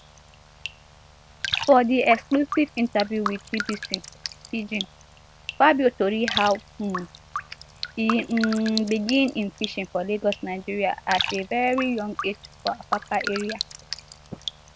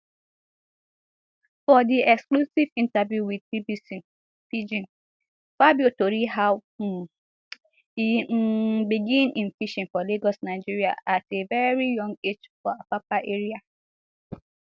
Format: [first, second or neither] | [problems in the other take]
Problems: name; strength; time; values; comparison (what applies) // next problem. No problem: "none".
second | background sound (Raindrop); 9 dB below the speech